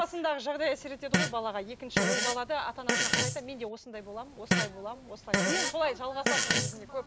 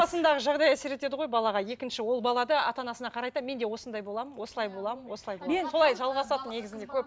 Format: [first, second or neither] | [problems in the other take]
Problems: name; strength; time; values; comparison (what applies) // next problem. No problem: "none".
second | background sound (Fart); 3 dB above the speech